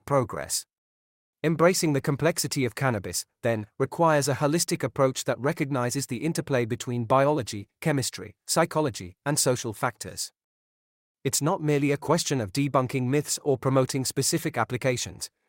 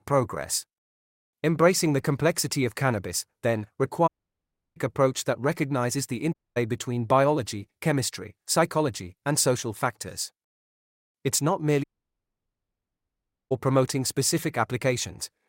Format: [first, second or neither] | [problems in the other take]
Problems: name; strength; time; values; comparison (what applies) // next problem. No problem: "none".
first | audio cutting out; at 4 s for 0.5 s, at 6.5 s and at 12 s for 1.5 s